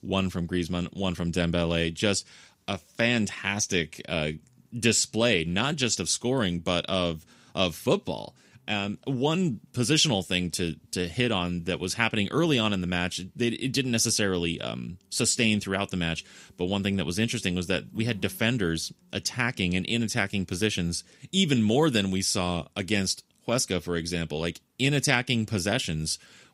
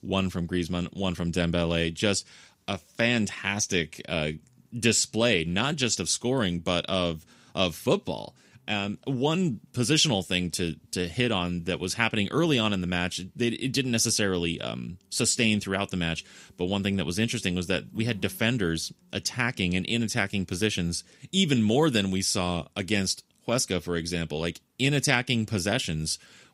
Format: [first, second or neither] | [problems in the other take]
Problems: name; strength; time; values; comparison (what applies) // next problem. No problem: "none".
neither | none